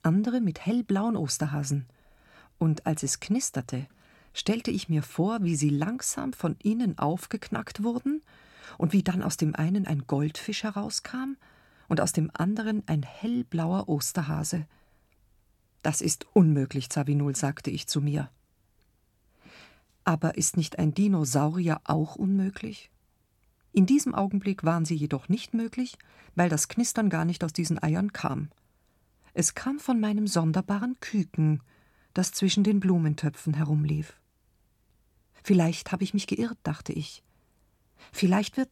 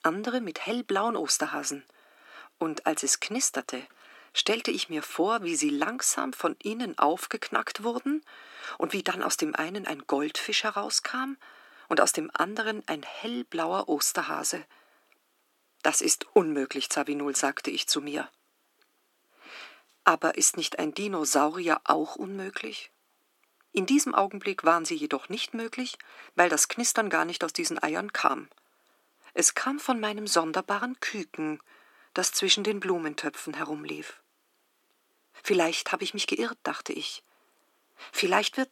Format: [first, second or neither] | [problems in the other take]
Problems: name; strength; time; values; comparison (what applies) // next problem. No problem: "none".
first | thin; very; fading below 300 Hz